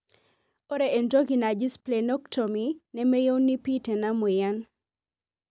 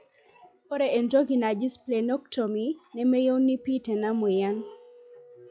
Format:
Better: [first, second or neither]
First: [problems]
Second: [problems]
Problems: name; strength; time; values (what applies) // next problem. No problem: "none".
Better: first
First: none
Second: noise reduction (classical method log-MMSE)